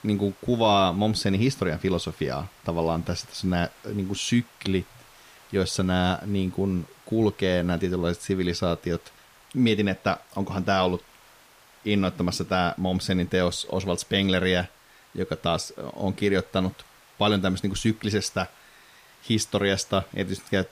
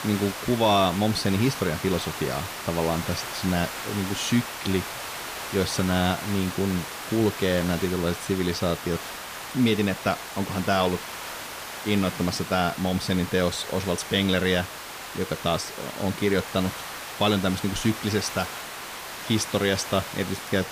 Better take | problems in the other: first | hiss; loud; throughout; 8 dB below the speech; faint in the first

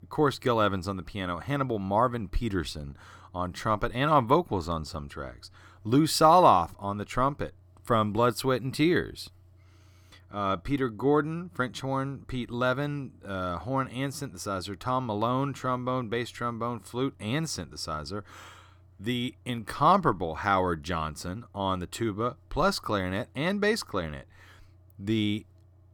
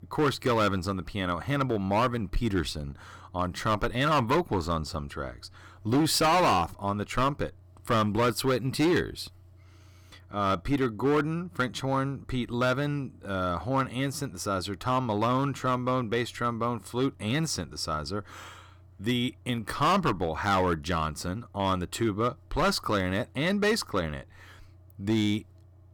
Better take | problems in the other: first | distortion; heavy; 6% of the sound clipped

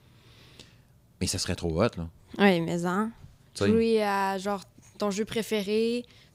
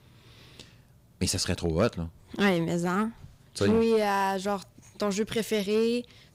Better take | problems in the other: first | distortion; slight; 3% of the sound clipped

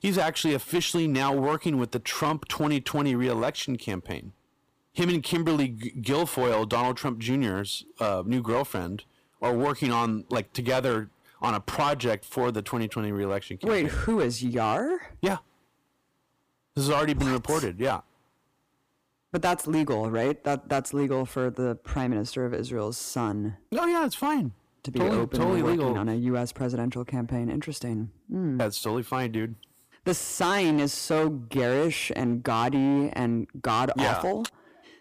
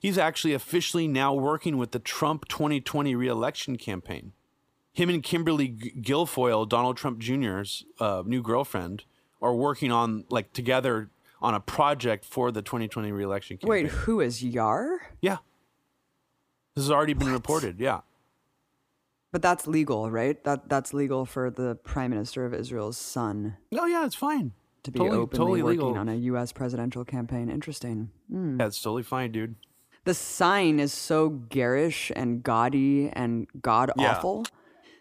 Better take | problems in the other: second | distortion; slight; 8% of the sound clipped

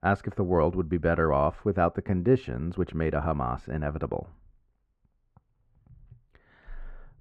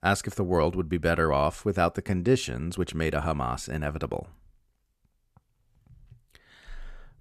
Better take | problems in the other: second | muffled; very; fading above 3.5 kHz

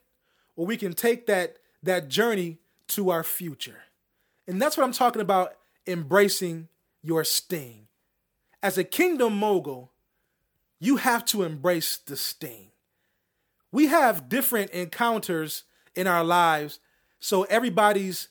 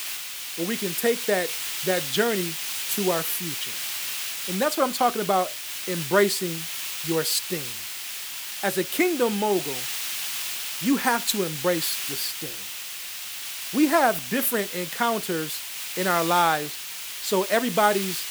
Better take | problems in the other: first | hiss; loud; throughout; 5 dB below the speech

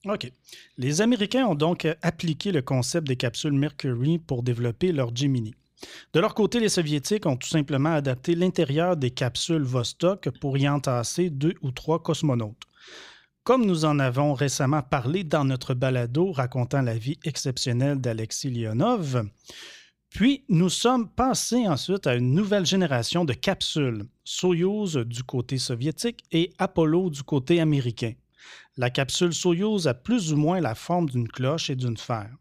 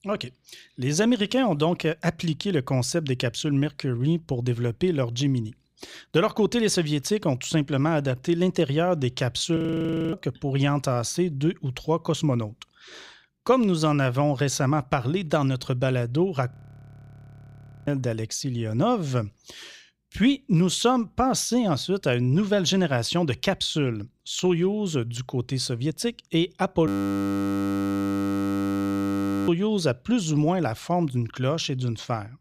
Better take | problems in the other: first | audio freezing; at 9.5 s for 0.5 s, at 17 s for 1.5 s and at 27 s for 2.5 s

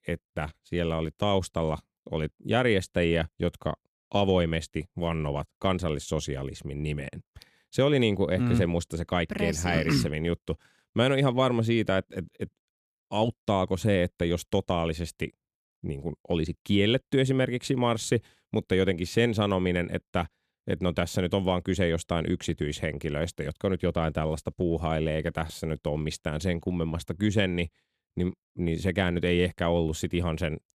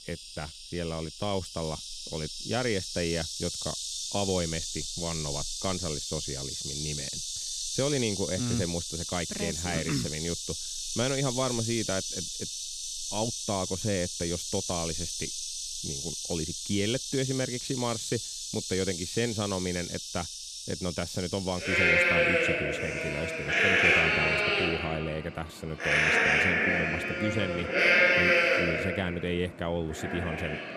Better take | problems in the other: first | animal sounds; very loud; throughout; 5 dB above the speech

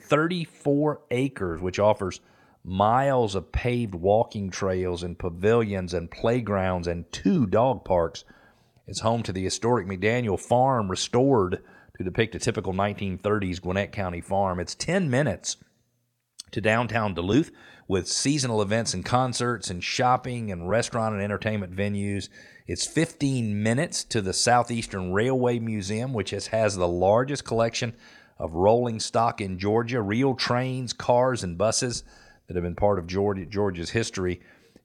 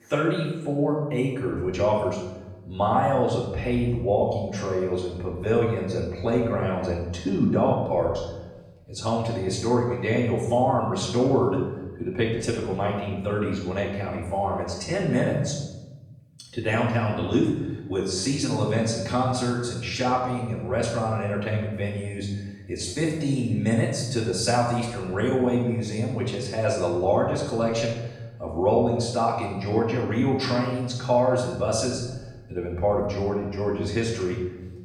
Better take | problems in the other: first | off-mic speech; far // room echo; noticeable; dies away in 1 s

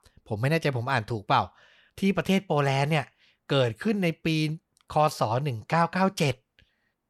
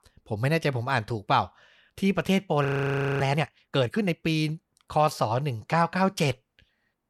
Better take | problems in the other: first | audio freezing; at 2.5 s for 0.5 s

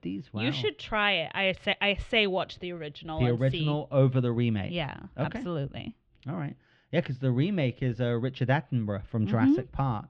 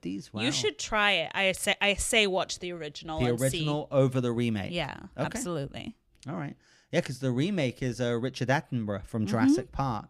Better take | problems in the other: second | muffled; slightly; fading above 3.5 kHz

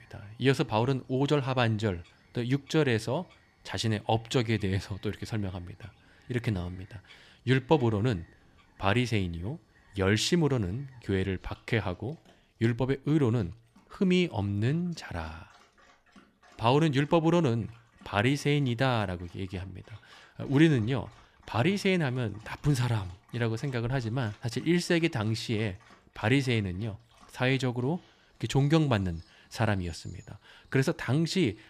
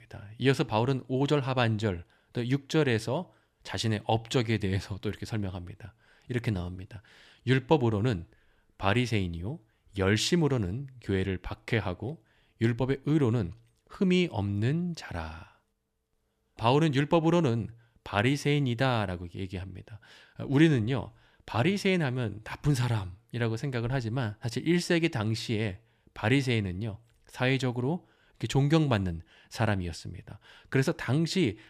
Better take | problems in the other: second | animal sounds; faint; throughout; 30 dB below the speech

